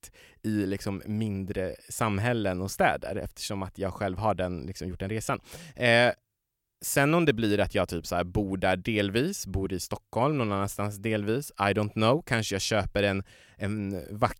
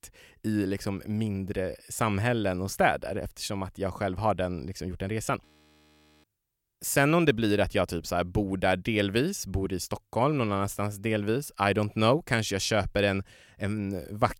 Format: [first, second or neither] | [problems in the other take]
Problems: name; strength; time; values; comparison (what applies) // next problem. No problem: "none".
first | audio freezing; at 5.5 s for 1 s